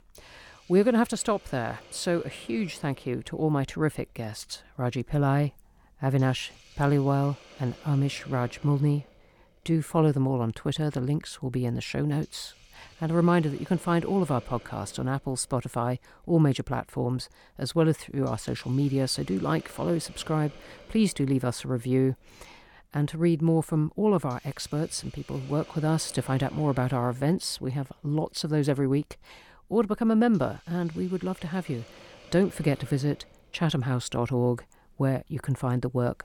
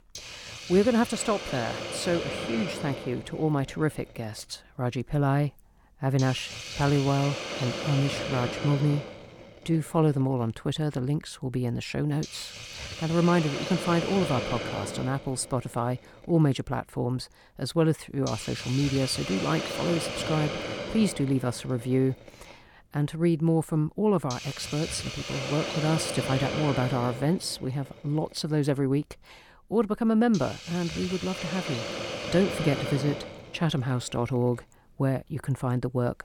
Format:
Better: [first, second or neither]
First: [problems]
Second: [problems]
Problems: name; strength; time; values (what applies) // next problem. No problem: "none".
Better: first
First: hiss; faint; throughout; 25 dB below the speech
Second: hiss; loud; throughout; 7 dB below the speech